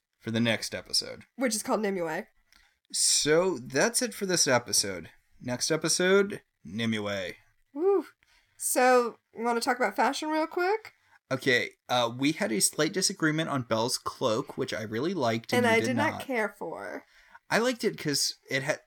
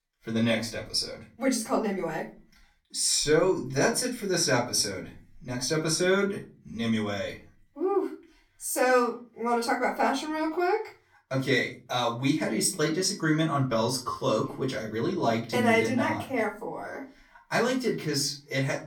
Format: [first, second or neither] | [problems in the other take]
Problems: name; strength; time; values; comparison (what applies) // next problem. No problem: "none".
first | off-mic speech; far // room echo; slight; dies away in 0.4 s